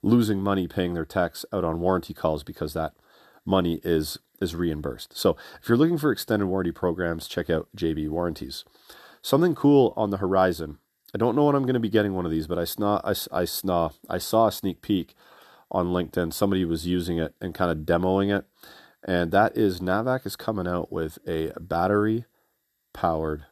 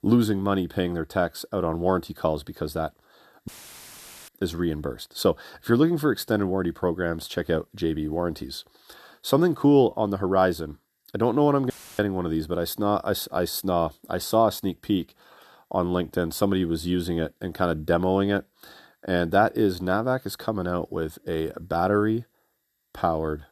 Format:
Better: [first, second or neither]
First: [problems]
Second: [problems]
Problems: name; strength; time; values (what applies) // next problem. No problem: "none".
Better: first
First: none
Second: audio cutting out; filled with static; at 3.5 s for 1 s and at 12 s